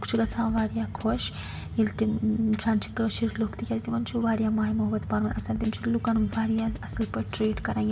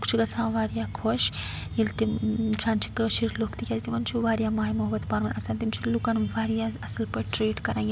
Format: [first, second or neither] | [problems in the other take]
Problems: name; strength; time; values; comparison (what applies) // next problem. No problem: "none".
second | background sound (Drum kit); 16 dB below the speech // room echo; dies away in 1 s